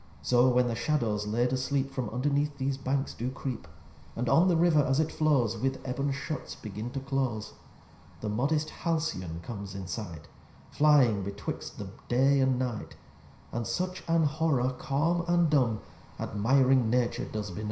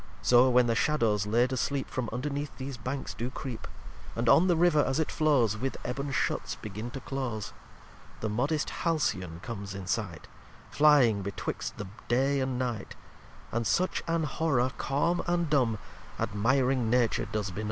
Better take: second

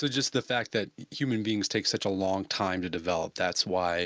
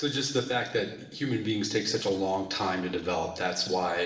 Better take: first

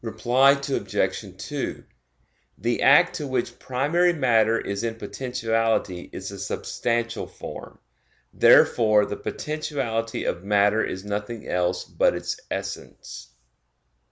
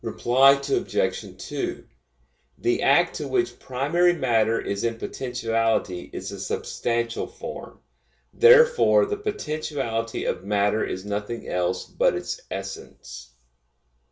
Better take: first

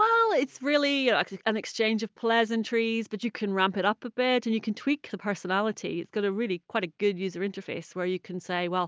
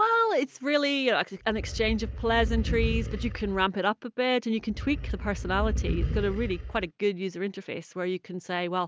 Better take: first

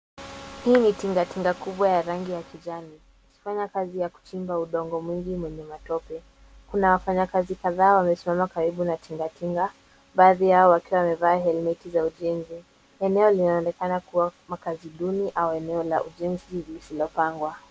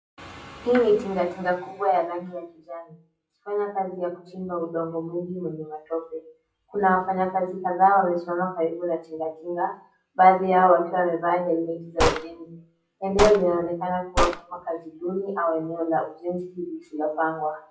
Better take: first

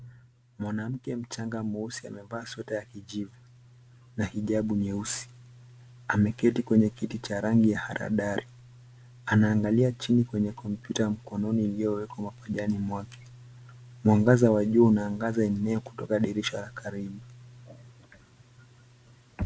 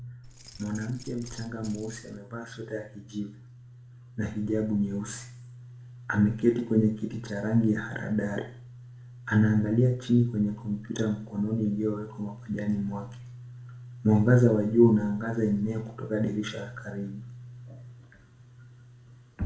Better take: first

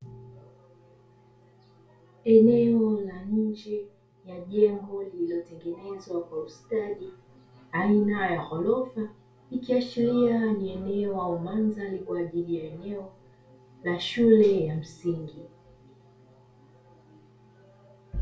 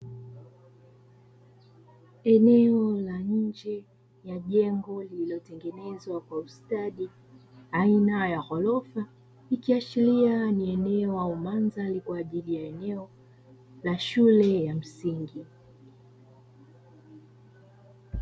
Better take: second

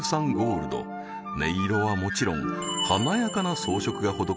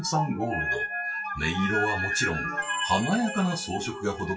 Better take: first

